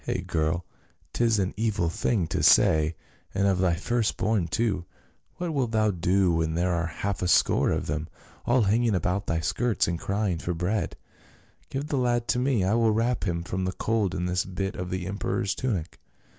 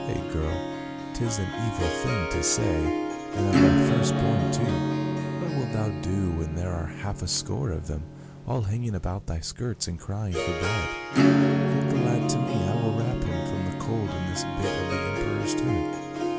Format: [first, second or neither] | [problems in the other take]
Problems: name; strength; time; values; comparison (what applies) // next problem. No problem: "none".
first | background sound (Harp + Acoustic guitar / Strum); 2 dB above the speech